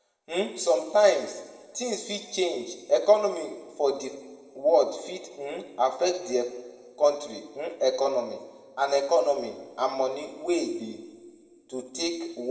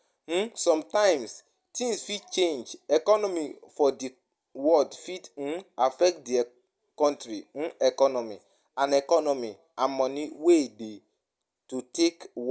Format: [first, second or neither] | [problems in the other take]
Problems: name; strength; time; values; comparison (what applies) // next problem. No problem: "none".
second | room echo; dies away in 1.8 s